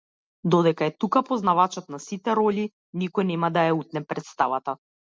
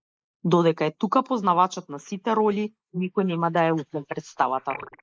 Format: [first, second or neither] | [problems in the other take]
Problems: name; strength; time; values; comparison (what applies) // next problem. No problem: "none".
first | noise reduction (neural mask model Resemble Enhance denoiser)